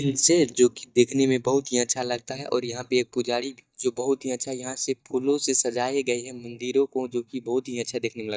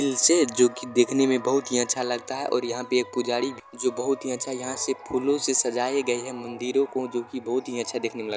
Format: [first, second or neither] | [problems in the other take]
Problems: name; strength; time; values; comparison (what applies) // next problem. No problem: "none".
second | noise reduction (neural mask model DeepFilterNet 3)